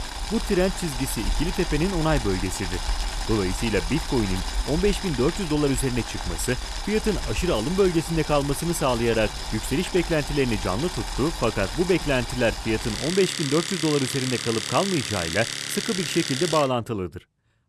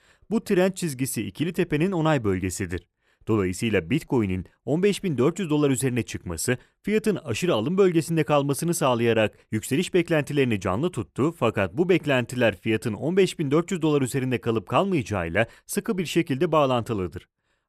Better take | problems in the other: second | household noises; loud; throughout; 5 dB below the speech

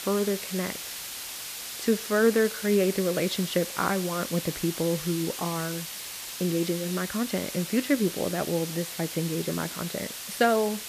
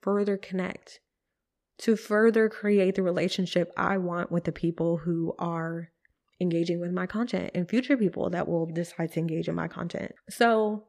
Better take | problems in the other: second | hiss; loud; throughout; 7 dB below the speech

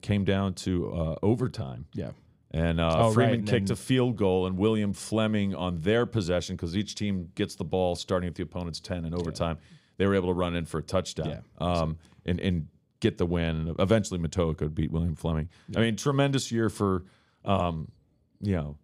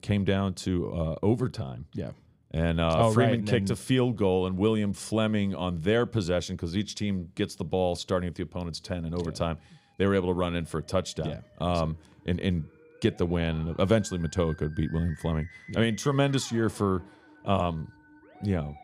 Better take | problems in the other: first | background music; faint; throughout; 25 dB below the speech

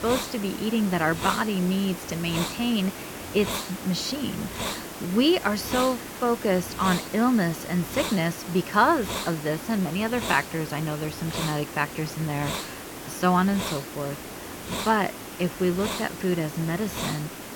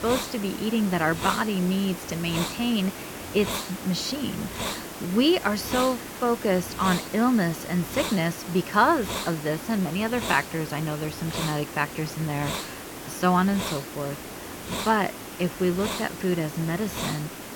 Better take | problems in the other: neither | hiss; loud; throughout; 8 dB below the speech; the same in both

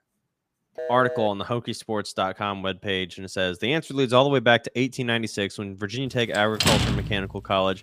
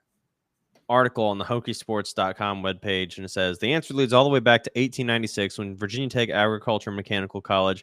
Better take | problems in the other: second | phone ringing; noticeable; at 1 s; peak 6 dB below the speech // door banging; loud; at 6.5 s; peak 4 dB above the speech

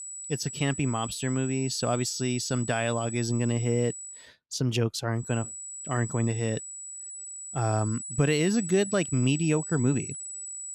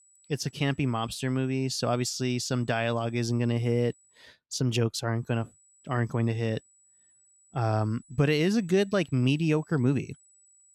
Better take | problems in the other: second | high-pitched whine; loud; until 4 s and from 5 s on; 8 kHz, 8 dB below the speech; faint in the second

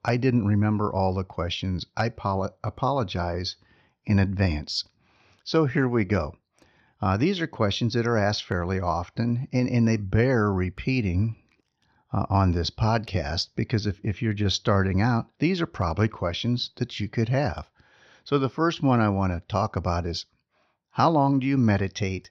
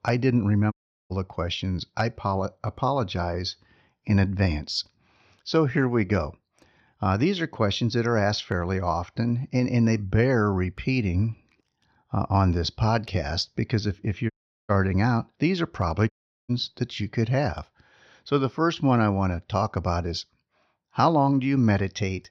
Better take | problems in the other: first | audio cutting out; at 0.5 s, at 14 s and at 16 s

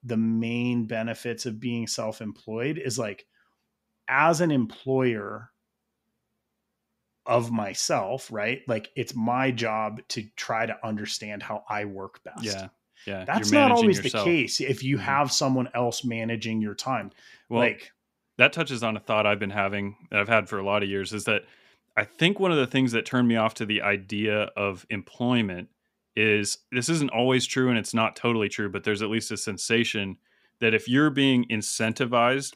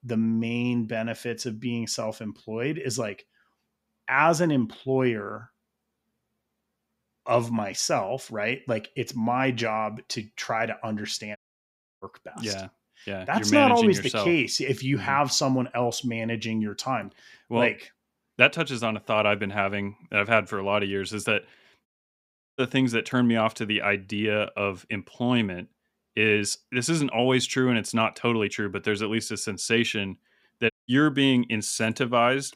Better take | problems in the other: first | audio cutting out; at 11 s for 0.5 s, at 22 s for 0.5 s and at 31 s

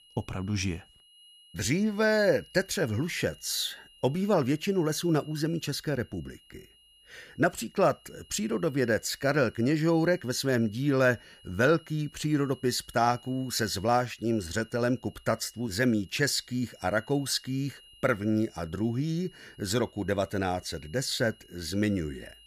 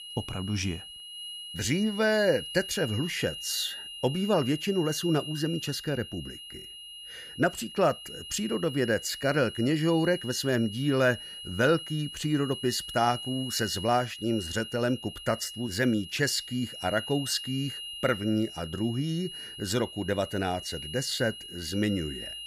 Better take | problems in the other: first | high-pitched whine; loud; throughout; 3 kHz, 10 dB below the speech; faint in the first

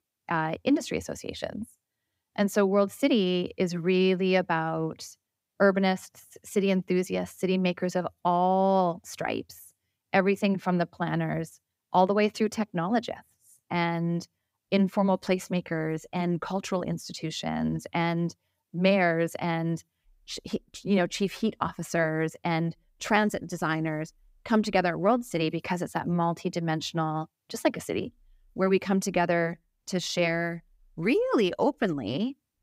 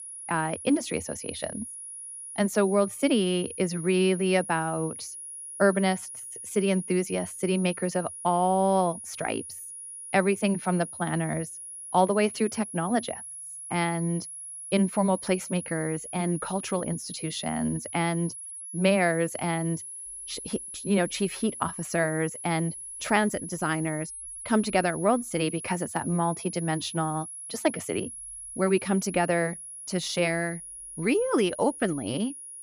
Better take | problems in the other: first | high-pitched whine; loud; throughout; 10.5 kHz, 10 dB below the speech

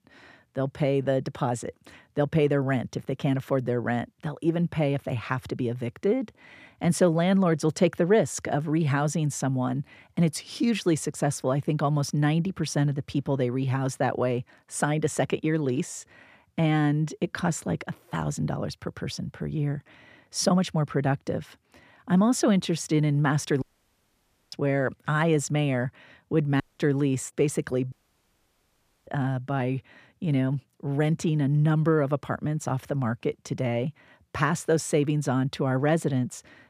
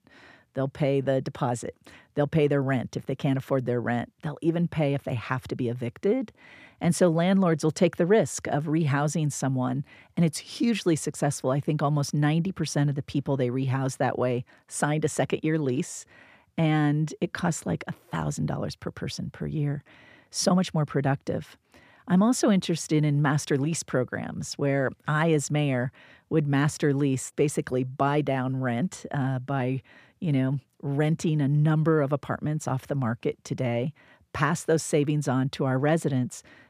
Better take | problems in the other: second | audio cutting out; at 24 s for 1 s, at 27 s and at 28 s for 1 s

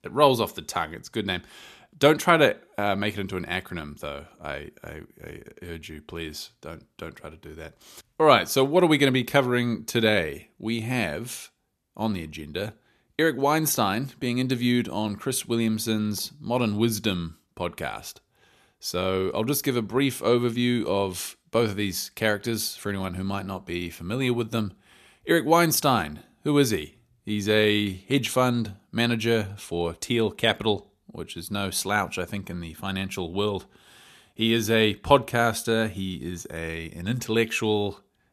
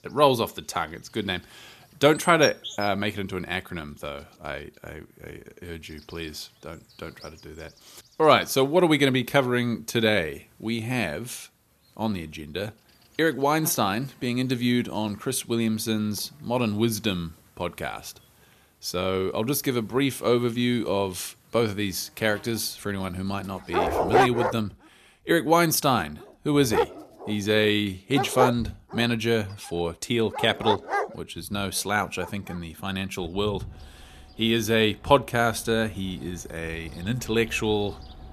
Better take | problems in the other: first | animal sounds; loud; throughout; 5 dB below the speech

